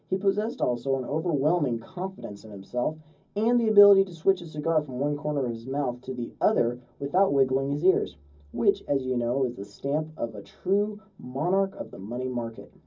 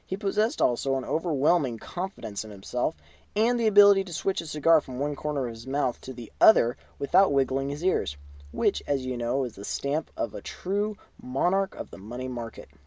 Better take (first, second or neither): second